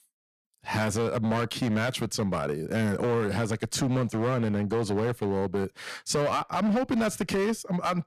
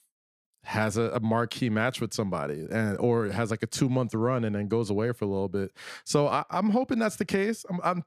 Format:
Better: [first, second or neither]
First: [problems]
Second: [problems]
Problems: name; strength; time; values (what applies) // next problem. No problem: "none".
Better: second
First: distortion; heavy; 14% of the sound clipped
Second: none